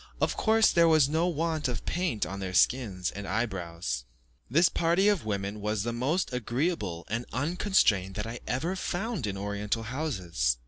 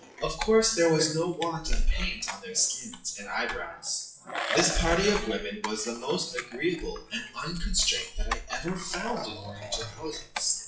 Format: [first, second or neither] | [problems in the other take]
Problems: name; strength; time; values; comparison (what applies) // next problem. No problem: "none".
first | noise reduction (classical method WPE with log-MMSE)